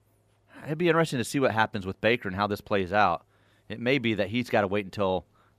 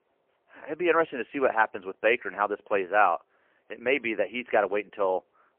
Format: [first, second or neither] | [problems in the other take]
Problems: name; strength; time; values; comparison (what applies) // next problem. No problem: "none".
first | phone-call audio; poor line; nothing above 3 kHz